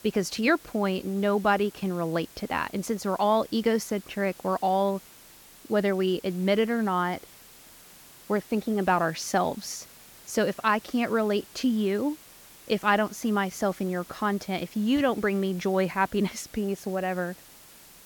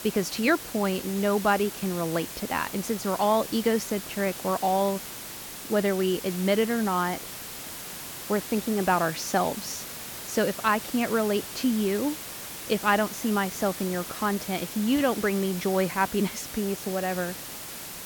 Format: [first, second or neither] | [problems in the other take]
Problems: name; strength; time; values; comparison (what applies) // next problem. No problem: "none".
first | hiss; loud; throughout; 9 dB below the speech; faint in the first